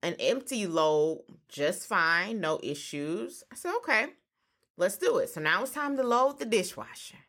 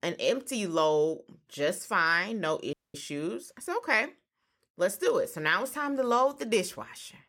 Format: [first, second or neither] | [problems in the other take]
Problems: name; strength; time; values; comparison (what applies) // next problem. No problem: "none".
first | audio freezing; at 2.5 s